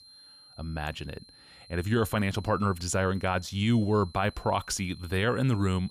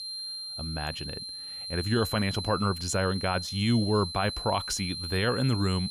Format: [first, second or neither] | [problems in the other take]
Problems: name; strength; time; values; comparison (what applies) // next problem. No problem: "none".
first | high-pitched whine; loud; throughout; 4 kHz, 6 dB below the speech; faint in the first